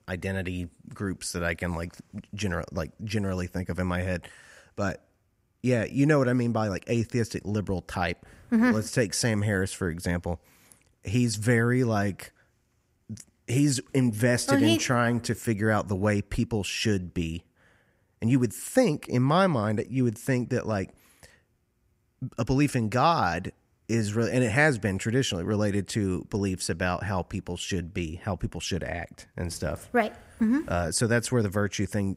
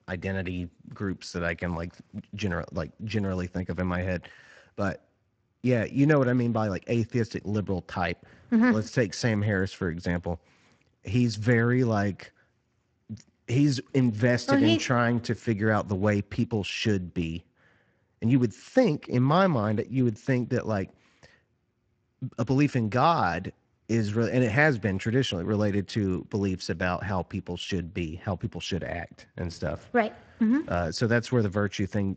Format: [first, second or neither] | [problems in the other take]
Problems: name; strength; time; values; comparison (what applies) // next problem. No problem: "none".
first | garbled, watery; slightly; nothing above 7.5 kHz